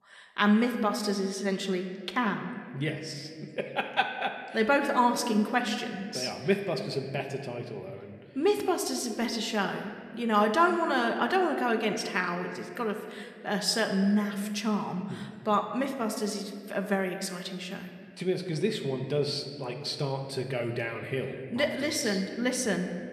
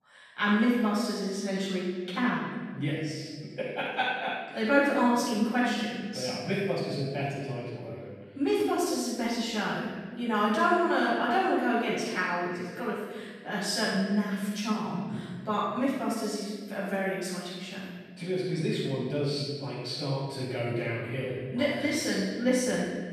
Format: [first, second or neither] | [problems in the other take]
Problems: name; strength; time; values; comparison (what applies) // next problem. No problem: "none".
first | room echo; strong; dies away in 1.5 s; slight in the first // off-mic speech; far